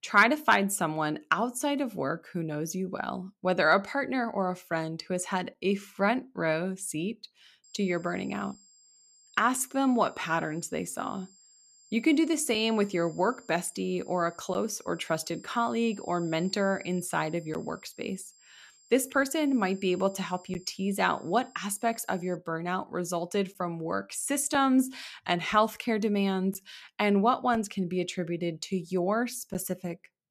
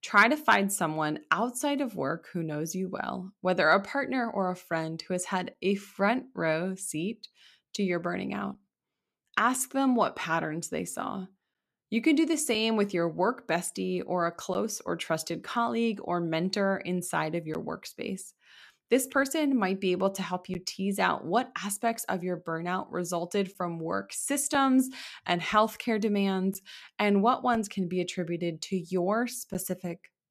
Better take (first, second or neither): second